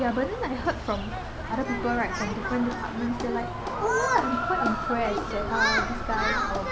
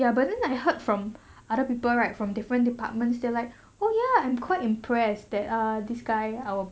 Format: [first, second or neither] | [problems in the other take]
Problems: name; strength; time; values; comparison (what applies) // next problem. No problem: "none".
second | background sound (Human group actions); as loud as the speech